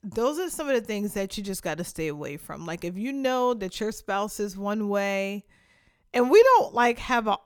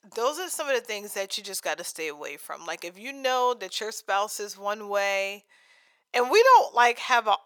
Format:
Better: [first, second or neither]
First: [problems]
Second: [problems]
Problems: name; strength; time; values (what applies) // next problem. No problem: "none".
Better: first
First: none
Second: thin; very; fading below 700 Hz